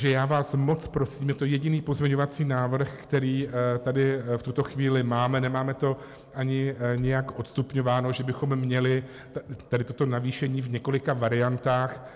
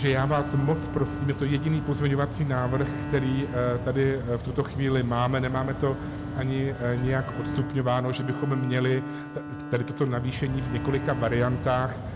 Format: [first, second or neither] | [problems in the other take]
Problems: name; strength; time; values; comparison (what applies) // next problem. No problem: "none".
first | background sound (Mechanical fan + Bowed string instrument); 7 dB below the speech